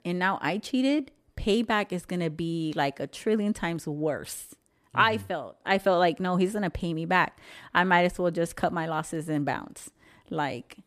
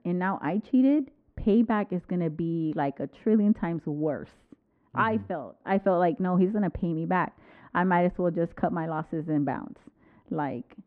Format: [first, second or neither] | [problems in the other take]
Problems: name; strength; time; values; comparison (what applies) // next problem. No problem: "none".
first | muffled; very; fading above 1.5 kHz